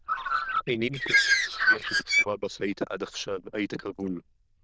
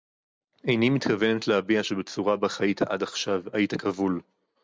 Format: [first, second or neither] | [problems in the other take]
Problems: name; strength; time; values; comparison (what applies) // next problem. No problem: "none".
second | noise reduction (neural diffusion model UNIVERSE++)